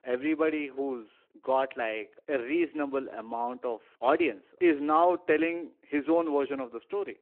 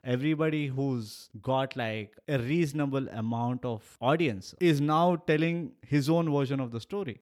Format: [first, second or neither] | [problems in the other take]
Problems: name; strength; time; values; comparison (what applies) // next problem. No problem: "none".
second | phone-call audio